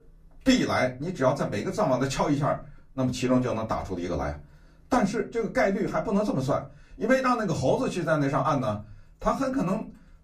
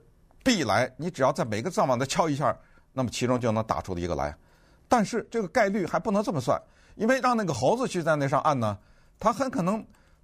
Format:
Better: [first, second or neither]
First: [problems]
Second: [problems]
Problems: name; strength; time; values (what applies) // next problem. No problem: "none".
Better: second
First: off-mic speech; far // room echo; very slight; dies away in 0.3 s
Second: none